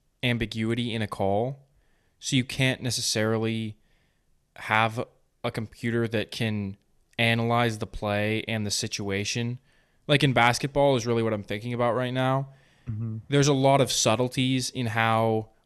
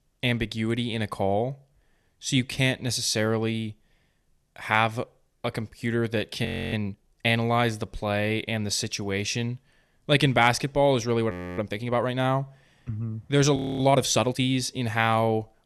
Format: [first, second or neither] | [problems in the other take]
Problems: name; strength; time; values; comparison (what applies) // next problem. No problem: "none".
first | audio freezing; at 6.5 s, at 11 s and at 14 s